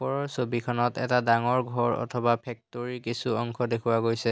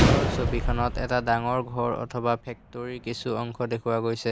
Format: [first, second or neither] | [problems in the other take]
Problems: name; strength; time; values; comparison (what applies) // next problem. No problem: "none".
first | background sound (Gunshot, gunfire); 1 dB below the speech